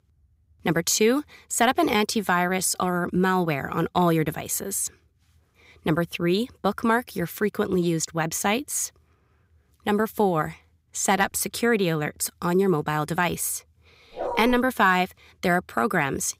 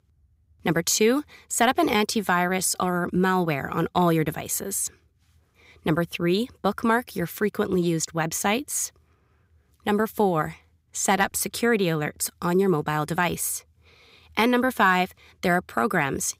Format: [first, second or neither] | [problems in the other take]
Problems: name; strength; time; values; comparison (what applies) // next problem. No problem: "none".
second | dog barking; noticeable; at 14 s; peak 6 dB below the speech